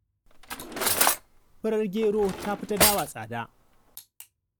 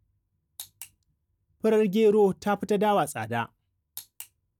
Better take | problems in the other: second | background sound (Cutlery, silverware); 2 dB above the speech

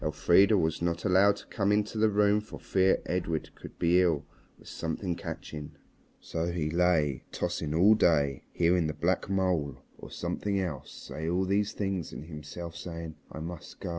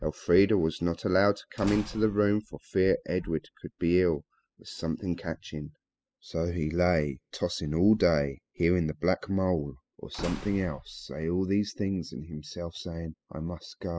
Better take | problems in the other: first | noise reduction (classical method spectral subtraction)

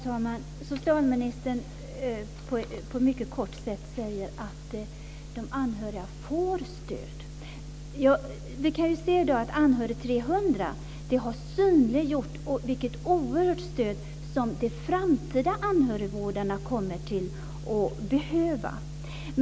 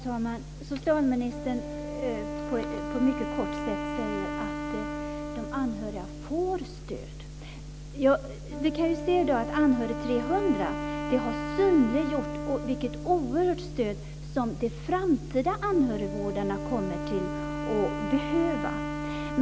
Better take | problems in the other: first | background sound (Wind instrument, woodwind instrument); 7 dB below the speech

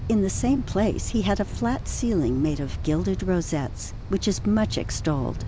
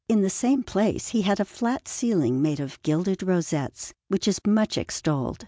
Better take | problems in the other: second | background sound (Wind); 6 dB below the speech

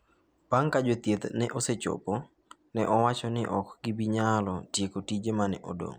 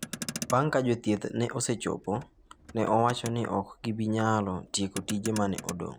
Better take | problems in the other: first | background sound (Motor vehicle (road)); 14 dB below the speech

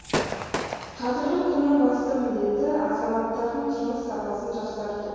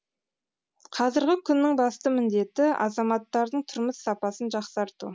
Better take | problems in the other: second | background sound (Gunshot, gunfire / Fireworks); 10 dB below the speech // room echo; dies away in 2.2 s

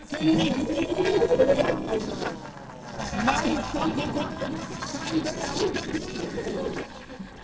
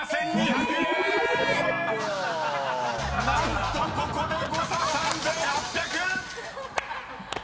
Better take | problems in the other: second | noise reduction (neural separator model SepFormer DNS4)

